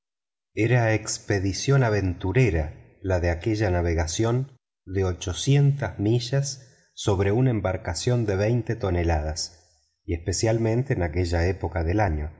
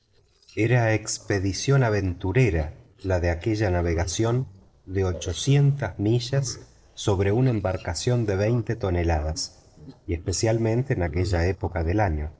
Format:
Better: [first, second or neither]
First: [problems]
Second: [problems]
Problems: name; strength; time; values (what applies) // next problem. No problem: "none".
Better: first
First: none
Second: noise reduction (neural separator model SepFormer DNS4)